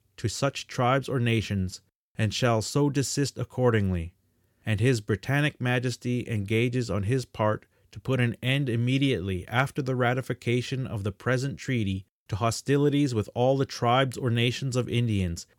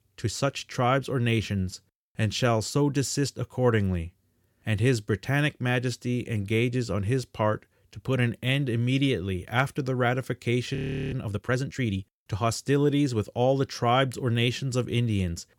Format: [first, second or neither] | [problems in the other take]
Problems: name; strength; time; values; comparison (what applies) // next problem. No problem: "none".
first | audio freezing; at 11 s